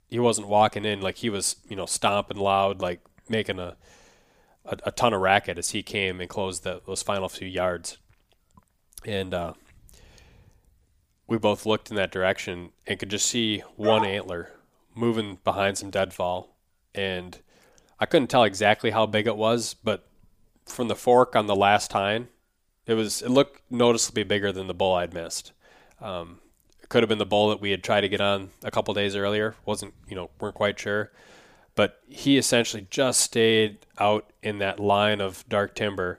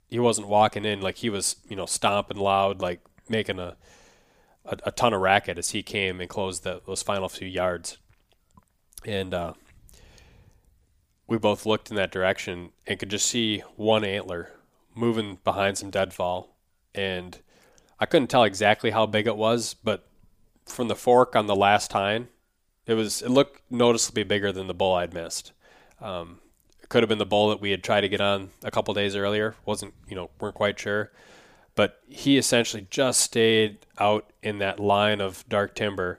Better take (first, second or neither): second